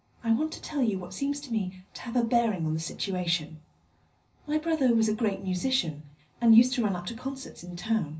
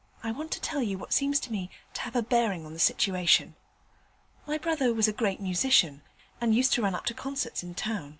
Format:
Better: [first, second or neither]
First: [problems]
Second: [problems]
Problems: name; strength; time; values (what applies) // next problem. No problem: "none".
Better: second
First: room echo; dies away in 0.4 s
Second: none